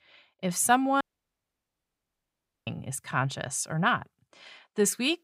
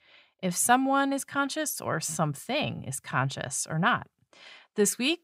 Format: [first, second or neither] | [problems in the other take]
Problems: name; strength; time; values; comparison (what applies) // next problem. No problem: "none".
second | audio cutting out; at 1 s for 1.5 s